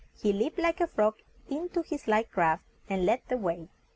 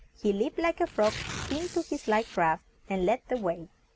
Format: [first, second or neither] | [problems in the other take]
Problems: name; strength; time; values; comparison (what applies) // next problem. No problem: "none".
first | background sound (Tearing); 14 dB below the speech